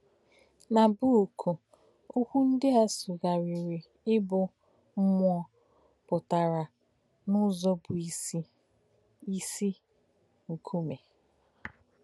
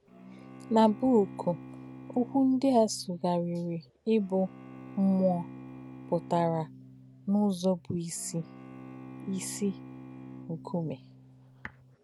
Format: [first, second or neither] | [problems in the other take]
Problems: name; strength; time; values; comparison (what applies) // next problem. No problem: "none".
first | background sound (Bowed string instrument); 16 dB below the speech